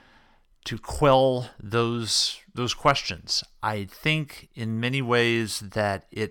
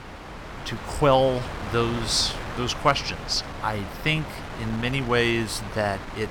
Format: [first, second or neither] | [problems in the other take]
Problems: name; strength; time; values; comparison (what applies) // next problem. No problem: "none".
first | wind noise on the microphone; occasional gusts; 10 dB below the speech